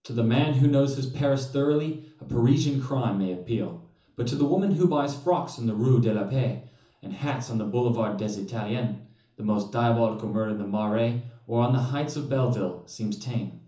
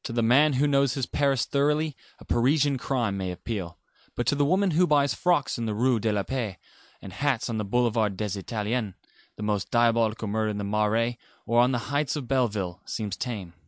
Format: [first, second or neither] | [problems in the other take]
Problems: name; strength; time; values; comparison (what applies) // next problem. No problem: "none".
second | room echo; dies away in 0.7 s